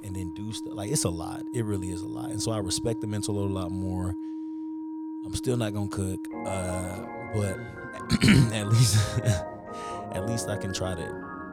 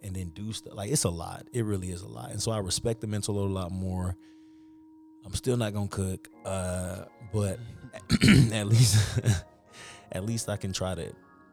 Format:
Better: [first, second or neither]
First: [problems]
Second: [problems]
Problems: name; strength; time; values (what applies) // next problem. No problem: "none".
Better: second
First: background music; loud; throughout; 8 dB below the speech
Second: background music; faint; throughout; 25 dB below the speech